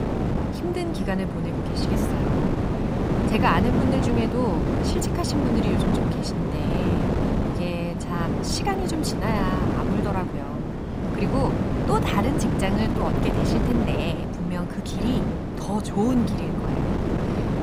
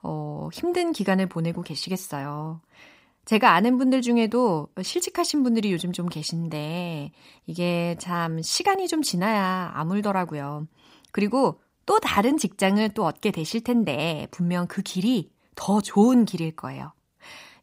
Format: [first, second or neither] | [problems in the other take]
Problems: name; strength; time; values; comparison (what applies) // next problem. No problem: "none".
second | wind noise on the microphone; heavy; as loud as the speech